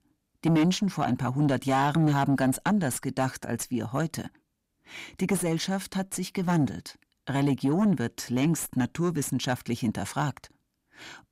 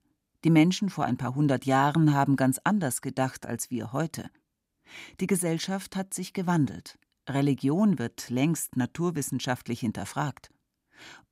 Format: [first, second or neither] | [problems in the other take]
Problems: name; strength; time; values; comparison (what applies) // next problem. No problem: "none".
second | distortion; slight; 10 dB below the speech